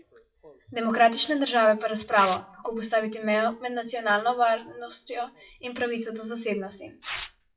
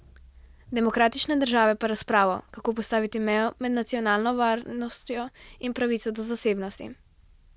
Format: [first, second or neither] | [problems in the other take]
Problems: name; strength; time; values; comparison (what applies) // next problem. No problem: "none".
second | noise reduction (classical method WPE with log-MMSE)